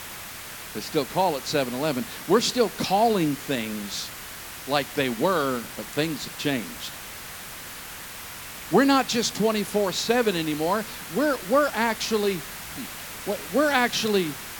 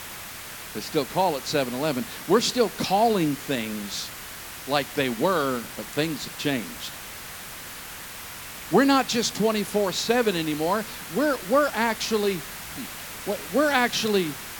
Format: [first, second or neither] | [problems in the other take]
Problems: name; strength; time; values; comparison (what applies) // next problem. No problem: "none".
neither | hiss; noticeable; throughout; 10 dB below the speech; the same in both